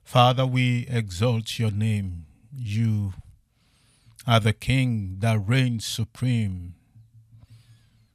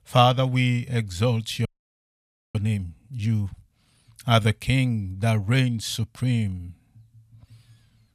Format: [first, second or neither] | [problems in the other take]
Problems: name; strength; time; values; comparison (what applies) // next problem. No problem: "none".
first | audio freezing; at 1.5 s for 1 s